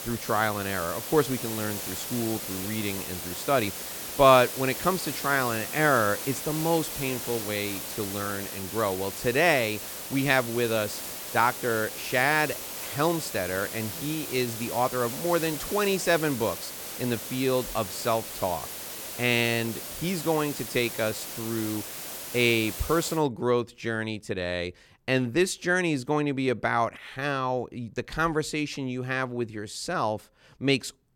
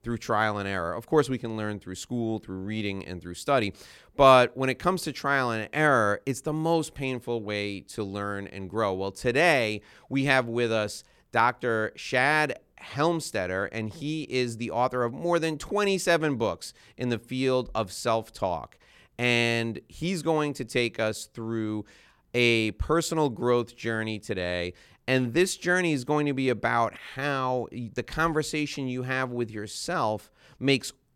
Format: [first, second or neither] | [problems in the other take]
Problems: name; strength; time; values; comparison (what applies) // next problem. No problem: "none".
second | hiss; loud; until 23 s; 7 dB below the speech